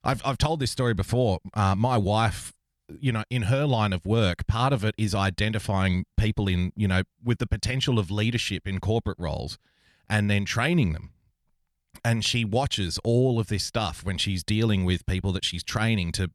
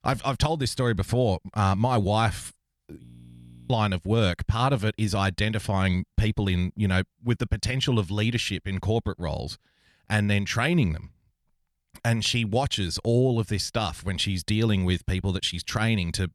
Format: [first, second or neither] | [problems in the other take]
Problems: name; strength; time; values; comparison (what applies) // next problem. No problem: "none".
first | audio freezing; at 3 s for 0.5 s